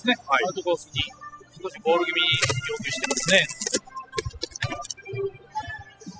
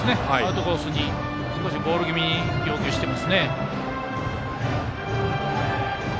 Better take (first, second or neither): second